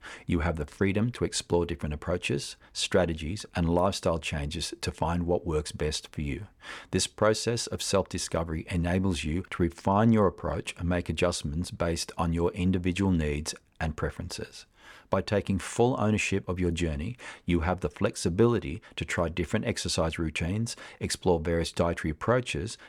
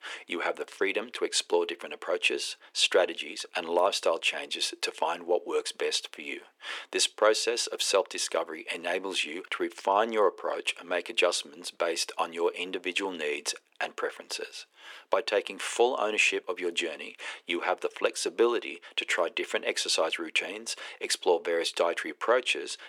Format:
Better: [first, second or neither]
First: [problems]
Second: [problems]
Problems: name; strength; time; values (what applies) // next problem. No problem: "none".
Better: first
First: none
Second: thin; very; fading below 350 Hz